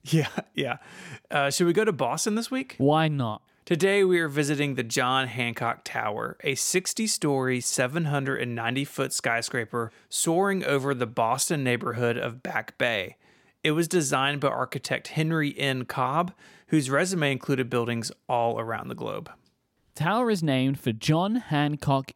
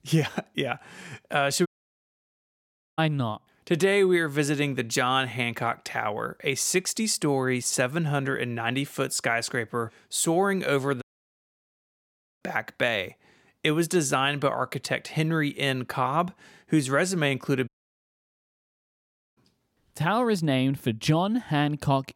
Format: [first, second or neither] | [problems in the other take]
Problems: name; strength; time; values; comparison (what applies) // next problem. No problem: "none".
first | audio cutting out; at 1.5 s for 1.5 s, at 11 s for 1.5 s and at 18 s for 1.5 s